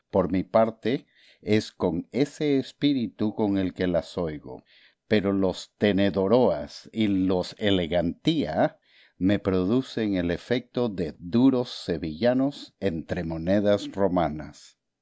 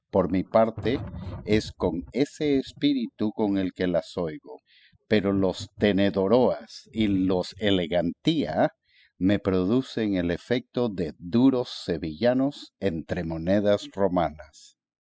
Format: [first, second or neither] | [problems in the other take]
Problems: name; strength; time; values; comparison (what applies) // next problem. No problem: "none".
first | noise reduction (classical method spectral subtraction)